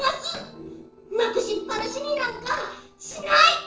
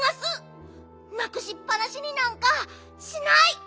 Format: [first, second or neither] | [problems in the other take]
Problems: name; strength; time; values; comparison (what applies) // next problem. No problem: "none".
second | noise reduction (neural separator model SepFormer DNS4)